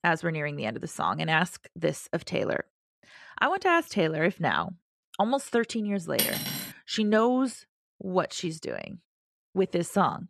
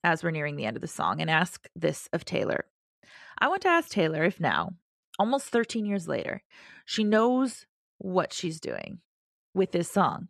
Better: second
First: clattering dishes; loud; at 6 s; peak 1 dB above the speech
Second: none

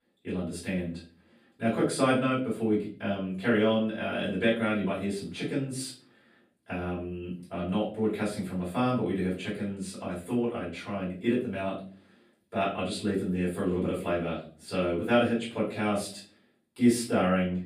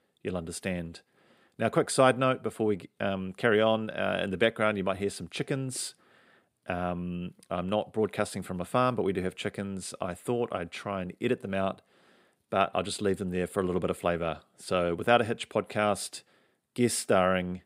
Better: second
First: off-mic speech; far // room echo; slight; dies away in 0.4 s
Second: none

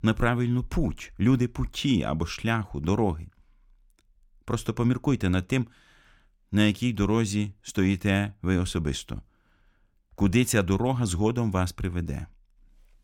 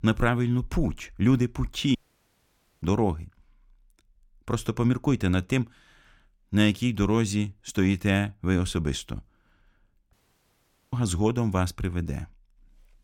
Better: first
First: none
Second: audio cutting out; at 2 s for 1 s and at 10 s for 1 s

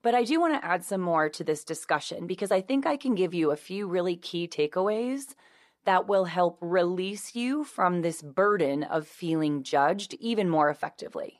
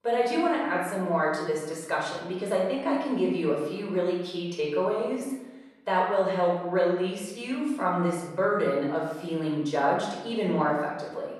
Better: first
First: none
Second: off-mic speech; far // room echo; noticeable; dies away in 0.9 s

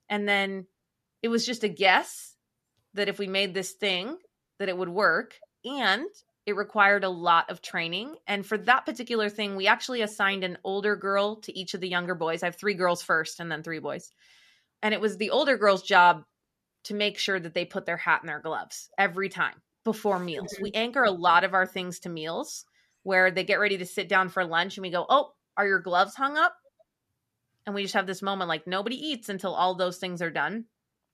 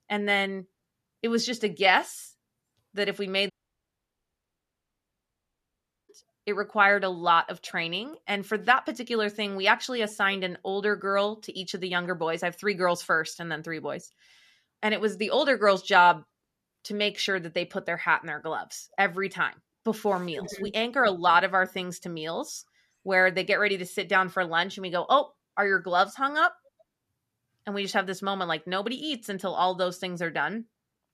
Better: first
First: none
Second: audio cutting out; at 3.5 s for 2.5 s

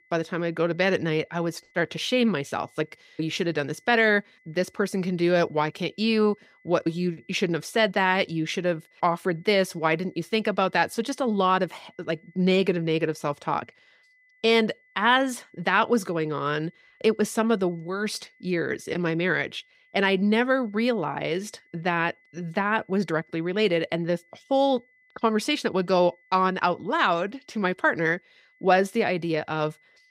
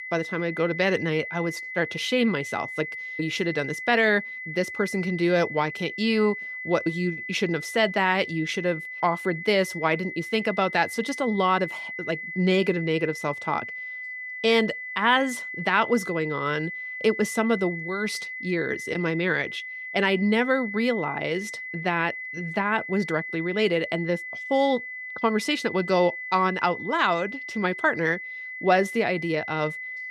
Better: first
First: high-pitched whine; faint; throughout; 2 kHz, 35 dB below the speech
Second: high-pitched whine; loud; throughout; 2 kHz, 8 dB below the speech

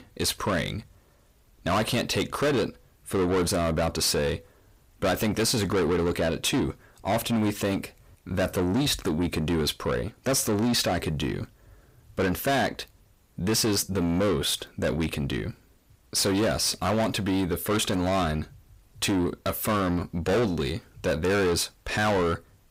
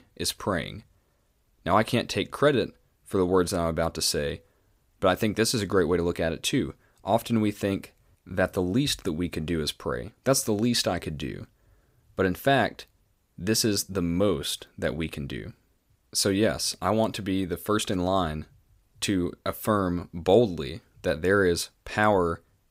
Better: second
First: distortion; heavy; 6 dB below the speech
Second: none

